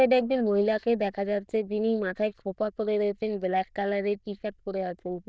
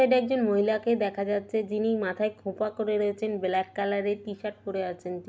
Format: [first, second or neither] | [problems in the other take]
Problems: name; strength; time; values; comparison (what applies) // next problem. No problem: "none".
second | noise reduction (neural diffusion model UNIVERSE++)